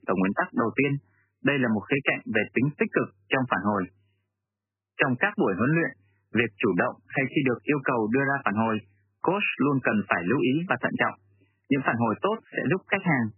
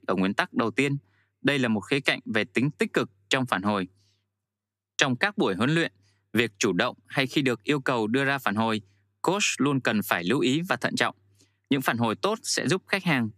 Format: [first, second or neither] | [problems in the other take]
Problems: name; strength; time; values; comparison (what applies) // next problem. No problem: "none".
second | garbled, watery; badly; nothing above 3 kHz